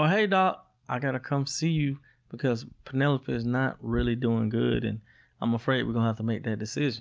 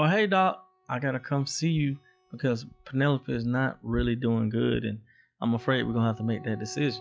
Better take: first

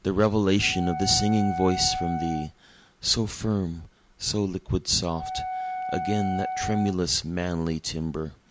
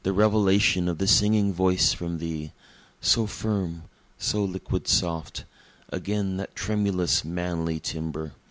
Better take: second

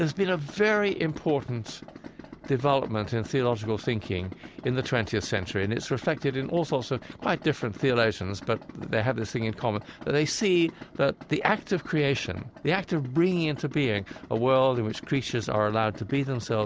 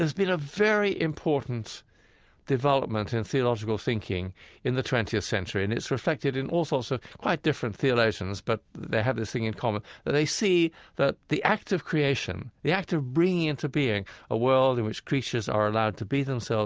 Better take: second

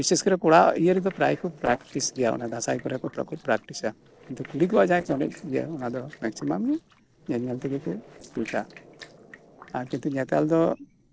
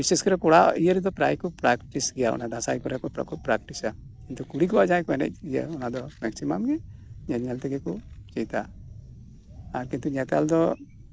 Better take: second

